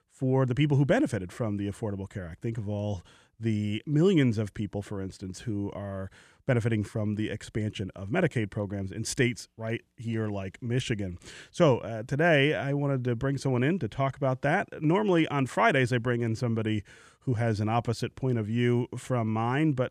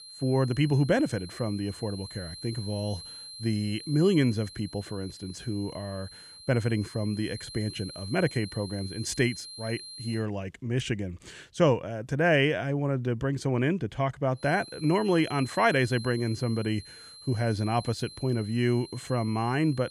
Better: first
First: none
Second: high-pitched whine; noticeable; until 10 s and from 14 s on; 4 kHz, 15 dB below the speech

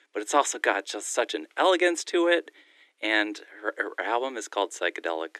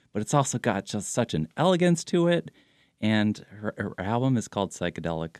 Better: second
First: thin; very; fading below 300 Hz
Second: none

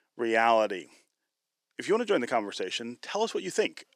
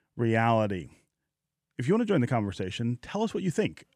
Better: second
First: thin; somewhat; fading below 350 Hz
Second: none

